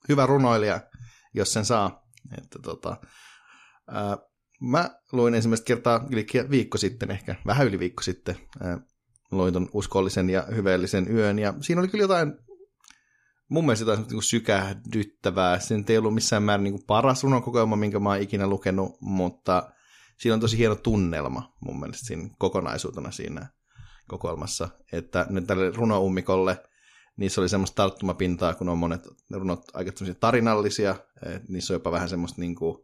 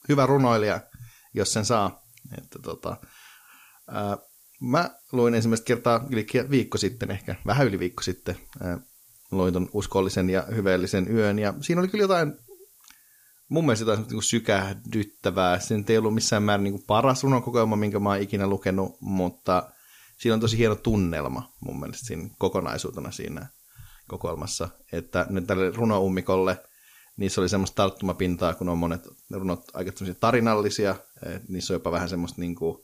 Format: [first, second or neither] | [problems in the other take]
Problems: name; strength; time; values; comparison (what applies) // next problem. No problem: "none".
first | hiss; faint; throughout; 25 dB below the speech